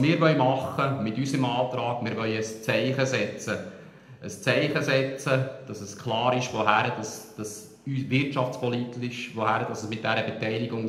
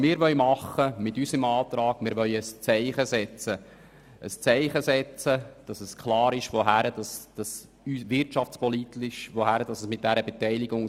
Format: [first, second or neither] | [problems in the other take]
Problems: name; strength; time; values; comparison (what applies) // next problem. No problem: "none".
second | room echo; dies away in 0.7 s